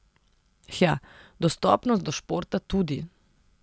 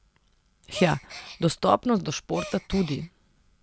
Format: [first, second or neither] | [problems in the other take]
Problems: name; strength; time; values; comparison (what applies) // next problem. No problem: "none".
first | background sound (Gasp); 14 dB below the speech